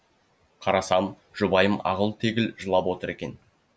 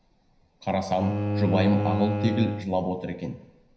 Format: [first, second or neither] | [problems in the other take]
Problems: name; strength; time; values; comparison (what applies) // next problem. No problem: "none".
first | background sound (Bowed string instrument); 2 dB below the speech // room echo; dies away in 0.9 s